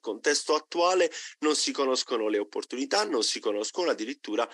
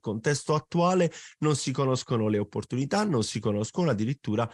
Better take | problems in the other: second | thin; somewhat; fading below 300 Hz

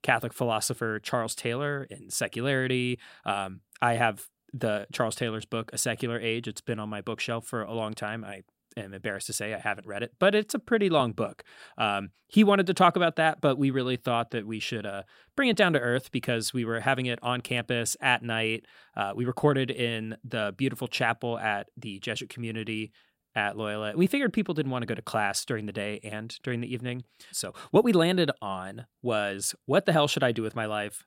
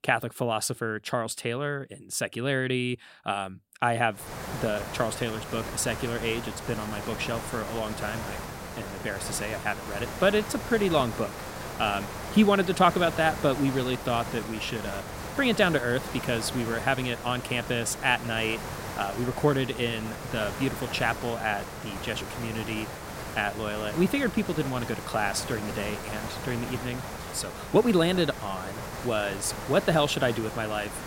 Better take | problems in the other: first | hiss; loud; from 4 s on; 9 dB below the speech

